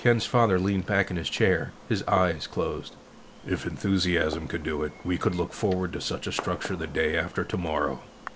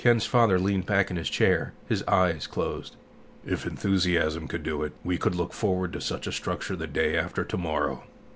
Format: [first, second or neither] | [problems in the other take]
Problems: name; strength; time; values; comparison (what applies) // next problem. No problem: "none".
second | background sound (Fireworks); 18 dB below the speech